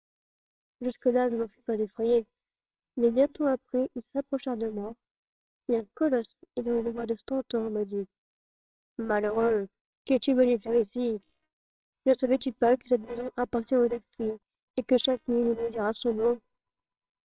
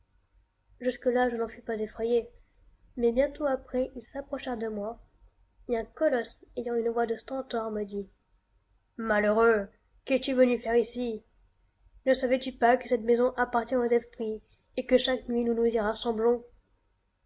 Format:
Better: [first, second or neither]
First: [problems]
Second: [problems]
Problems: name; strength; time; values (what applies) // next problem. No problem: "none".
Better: second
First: noise reduction (neural separator model SepFormer WHAMR!)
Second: none